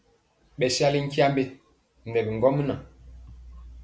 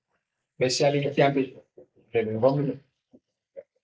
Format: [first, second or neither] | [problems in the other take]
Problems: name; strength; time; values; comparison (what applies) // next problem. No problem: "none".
first | noise reduction (neural mask model Resemble Enhance denoiser)